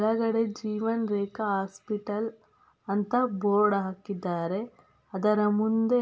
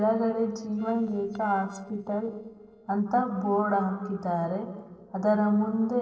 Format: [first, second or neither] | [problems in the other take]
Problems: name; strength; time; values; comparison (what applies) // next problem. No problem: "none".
first | noise reduction (neural separator model SepFormer DNS4)